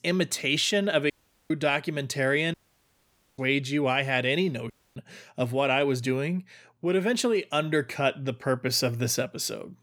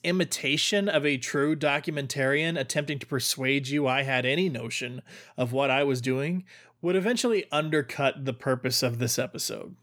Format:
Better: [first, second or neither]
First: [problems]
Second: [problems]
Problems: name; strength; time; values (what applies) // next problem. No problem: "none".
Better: second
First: audio cutting out; at 1 s, at 2.5 s for 1 s and at 4.5 s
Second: none